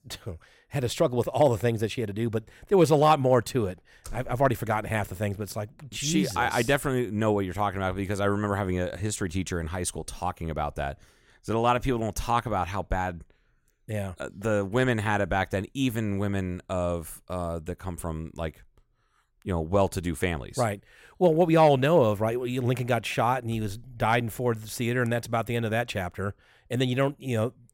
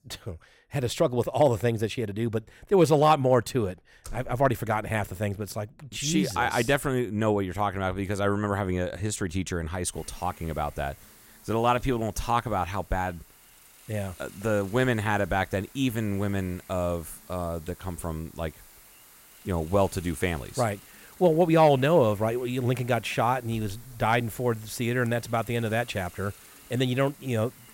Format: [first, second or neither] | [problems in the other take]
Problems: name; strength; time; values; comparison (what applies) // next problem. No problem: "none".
first | hiss; faint; from 10 s on; 25 dB below the speech